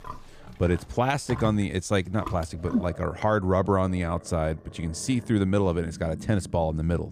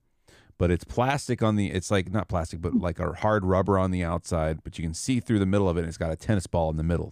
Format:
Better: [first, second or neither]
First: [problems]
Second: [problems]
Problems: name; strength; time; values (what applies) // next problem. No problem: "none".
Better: second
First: animal sounds; noticeable; throughout; 15 dB below the speech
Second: none